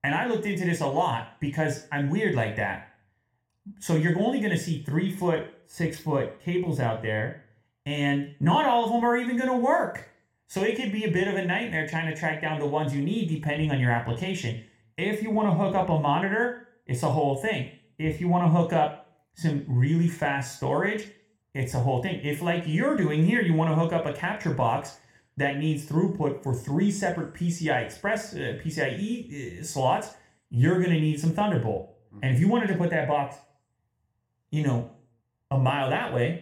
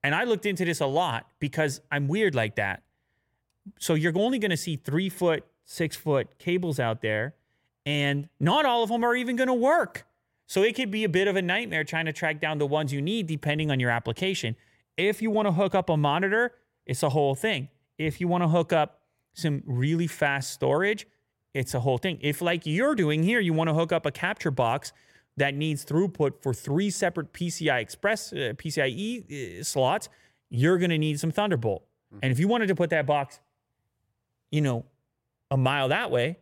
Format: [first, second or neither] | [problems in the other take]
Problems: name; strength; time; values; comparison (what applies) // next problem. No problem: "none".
second | room echo; slight; dies away in 0.4 s // off-mic speech; somewhat distant